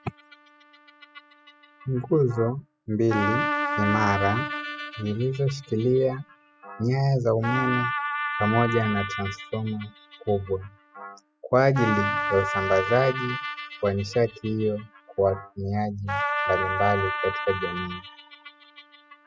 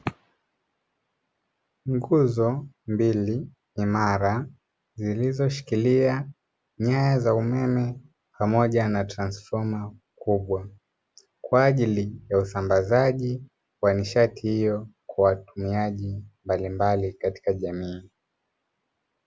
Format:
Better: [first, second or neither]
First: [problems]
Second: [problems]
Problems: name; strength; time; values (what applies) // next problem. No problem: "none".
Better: second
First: noise reduction (classical method spectral subtraction)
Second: none